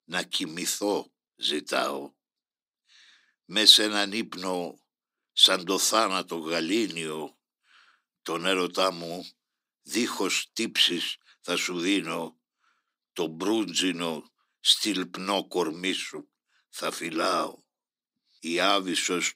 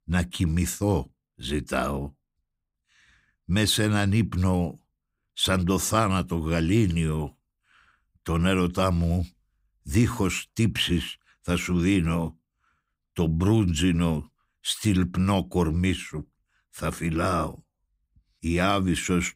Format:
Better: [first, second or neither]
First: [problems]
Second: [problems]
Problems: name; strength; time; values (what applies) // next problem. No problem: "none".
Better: second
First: thin; somewhat; fading below 300 Hz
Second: none